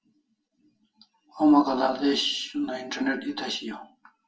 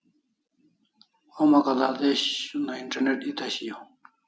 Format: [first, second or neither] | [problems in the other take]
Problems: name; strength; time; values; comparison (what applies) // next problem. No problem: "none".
second | room echo; dies away in 0.1 s